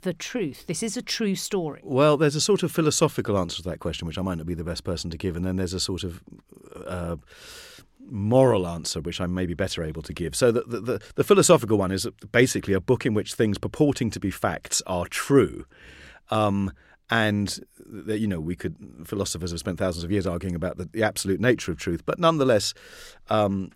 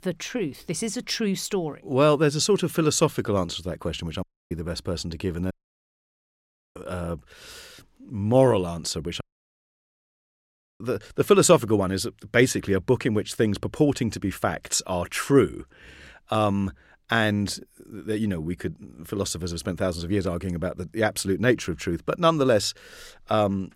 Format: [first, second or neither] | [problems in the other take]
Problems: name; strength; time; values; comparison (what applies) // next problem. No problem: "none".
first | audio cutting out; at 4 s, at 5.5 s for 1 s and at 9 s for 1.5 s